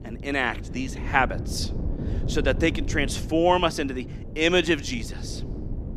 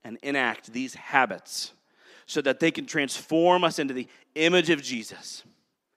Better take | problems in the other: second | wind noise on the microphone; occasional gusts; 20 dB below the speech

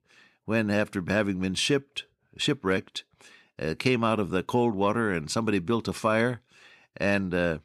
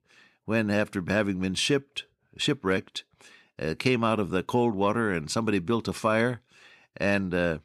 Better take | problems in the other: neither | none

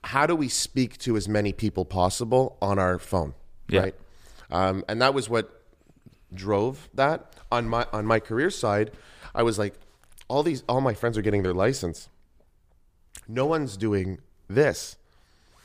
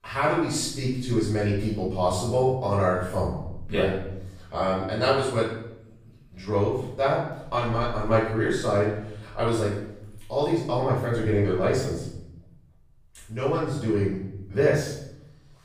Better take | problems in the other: first | off-mic speech; far // room echo; noticeable; dies away in 0.8 s

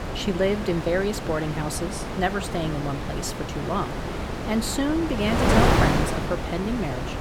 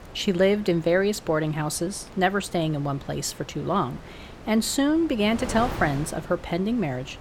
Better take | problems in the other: second | wind noise on the microphone; heavy; as loud as the speech; occasional gusts in the second

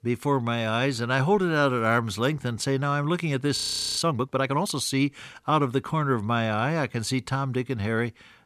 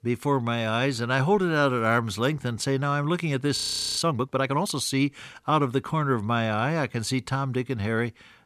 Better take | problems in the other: neither | audio freezing; at 3.5 s; the same in both

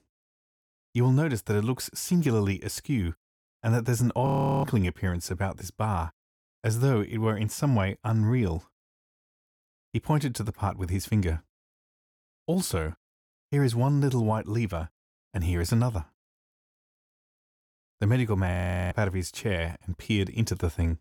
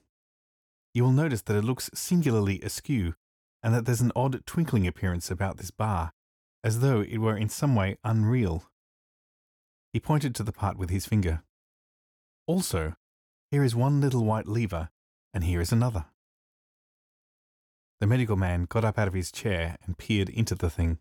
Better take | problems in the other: second | audio freezing; at 4.5 s and at 19 s

